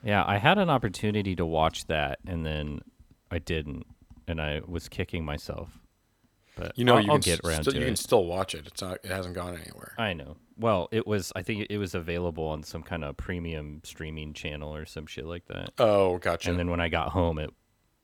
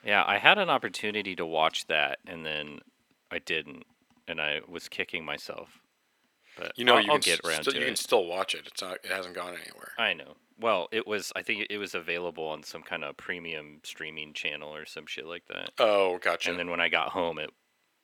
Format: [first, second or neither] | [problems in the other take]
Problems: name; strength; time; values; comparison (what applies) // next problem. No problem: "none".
first | thin; somewhat; fading below 350 Hz